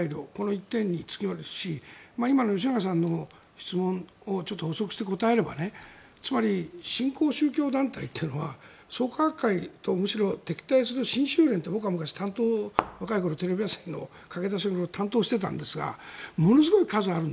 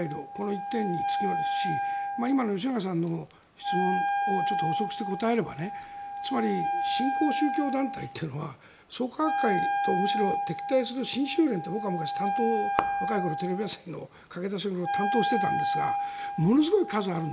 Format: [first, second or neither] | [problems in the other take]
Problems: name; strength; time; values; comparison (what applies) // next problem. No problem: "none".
first | background sound (Wind instrument, woodwind instrument); 1 dB below the speech